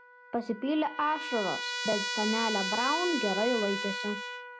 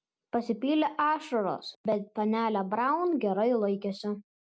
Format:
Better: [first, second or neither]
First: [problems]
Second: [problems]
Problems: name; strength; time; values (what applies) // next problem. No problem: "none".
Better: second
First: background sound (Trumpet); 4 dB below the speech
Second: none